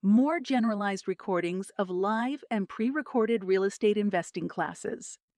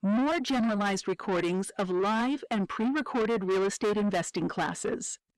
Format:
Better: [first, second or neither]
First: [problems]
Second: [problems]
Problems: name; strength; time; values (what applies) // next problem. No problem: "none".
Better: first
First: none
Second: distortion; heavy; 7 dB below the speech